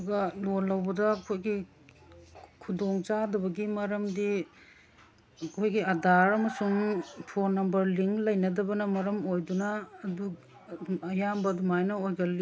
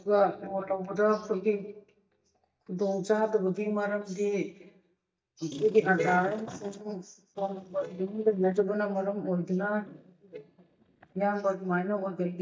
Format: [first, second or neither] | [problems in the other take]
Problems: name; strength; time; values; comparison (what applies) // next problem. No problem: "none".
first | noise reduction (neural mask model DeepFilterNet 3)